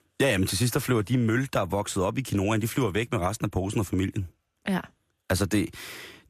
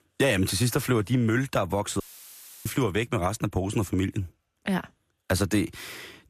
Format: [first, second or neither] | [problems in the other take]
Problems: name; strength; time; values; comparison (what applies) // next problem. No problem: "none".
first | audio cutting out; filled with static; at 2 s for 0.5 s